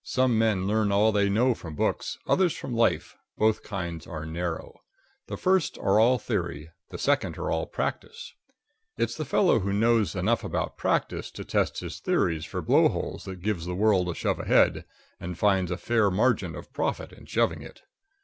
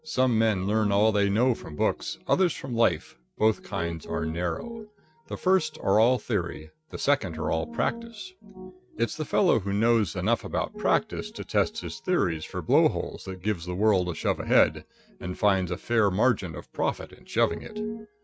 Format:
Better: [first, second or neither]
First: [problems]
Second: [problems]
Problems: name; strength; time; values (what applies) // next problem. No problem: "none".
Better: first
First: none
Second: noise reduction (neural mask model RNNoise)